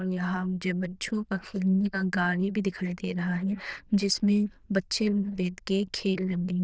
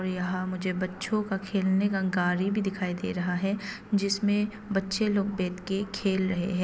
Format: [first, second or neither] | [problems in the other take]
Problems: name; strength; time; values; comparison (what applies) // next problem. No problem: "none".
second | noise reduction (neural diffusion model UNIVERSE++)